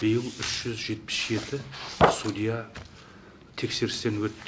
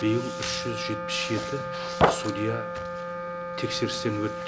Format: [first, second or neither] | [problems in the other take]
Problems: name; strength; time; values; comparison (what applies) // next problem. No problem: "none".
first | background sound (Wind instrument, woodwind instrument); 4 dB below the speech